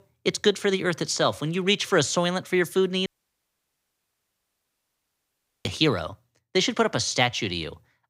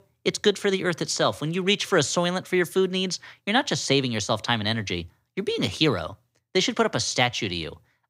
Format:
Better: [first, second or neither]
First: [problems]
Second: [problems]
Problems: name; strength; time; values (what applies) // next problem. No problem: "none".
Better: second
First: audio cutting out; at 3 s for 2.5 s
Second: none